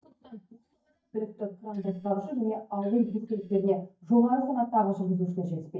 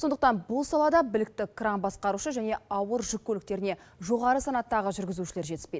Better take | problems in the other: second | noise reduction (neural mask model DeepFilterNet 3)

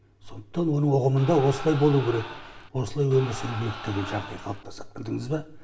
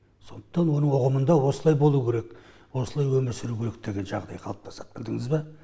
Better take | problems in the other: second | background sound (Crowd); 13 dB below the speech // room echo; dies away in 0.3 s

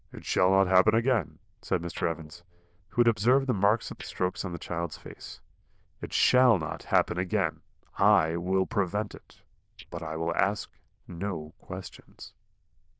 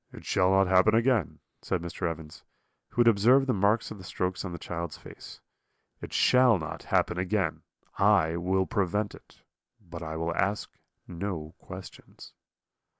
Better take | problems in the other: second | noise reduction (neural diffusion model UNIVERSE++)

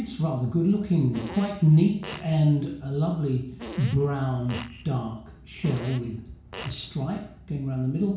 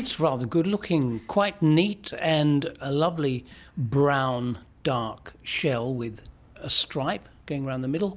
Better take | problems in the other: second | background sound (Fart); 16 dB below the speech // room echo; dies away in 0.6 s

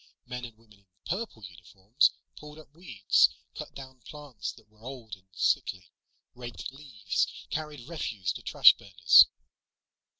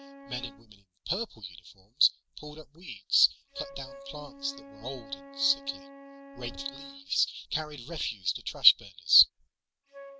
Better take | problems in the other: first | background sound (Wind instrument, woodwind instrument); 18 dB below the speech

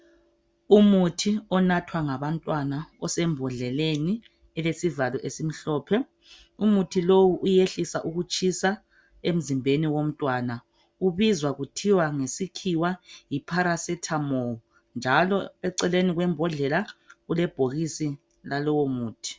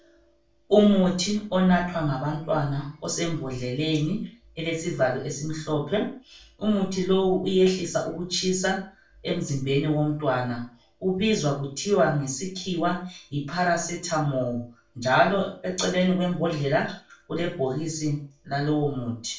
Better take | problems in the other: first | room echo; dies away in 0.3 s

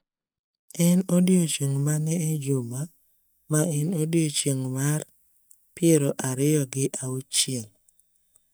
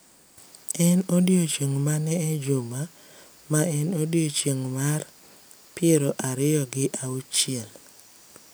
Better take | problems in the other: second | noise reduction (neural mask model DeepFilterNet 3)

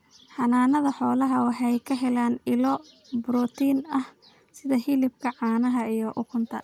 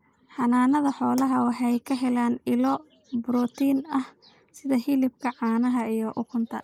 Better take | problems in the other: first | noise reduction (neural mask model Resemble Enhance denoiser)

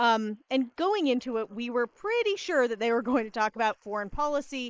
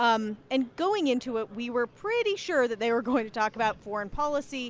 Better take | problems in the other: second | noise reduction (neural mask model Resemble Enhance denoiser)

